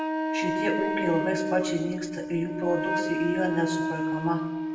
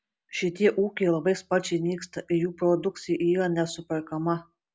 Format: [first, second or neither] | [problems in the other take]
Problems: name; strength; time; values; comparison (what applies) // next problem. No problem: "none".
second | background sound (Wind instrument, woodwind instrument); as loud as the speech // room echo; dies away in 1 s